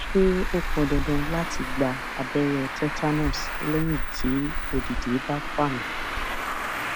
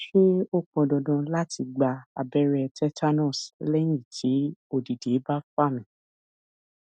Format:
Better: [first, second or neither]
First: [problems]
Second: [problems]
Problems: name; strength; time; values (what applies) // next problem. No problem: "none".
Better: second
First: background sound (Traffic noise, roadway noise); 1 dB below the speech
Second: none